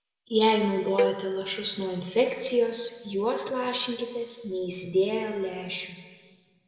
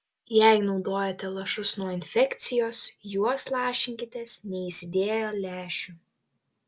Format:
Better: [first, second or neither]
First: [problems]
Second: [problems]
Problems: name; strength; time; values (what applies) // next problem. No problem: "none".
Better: second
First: background sound (Cowbell); 4 dB below the speech // room echo; dies away in 1.6 s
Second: none